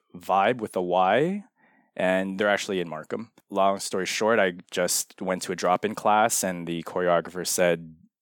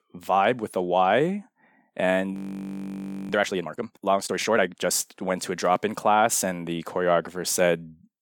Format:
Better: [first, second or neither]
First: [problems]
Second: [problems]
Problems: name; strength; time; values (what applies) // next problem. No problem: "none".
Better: first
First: none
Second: audio freezing; at 2.5 s for 1 s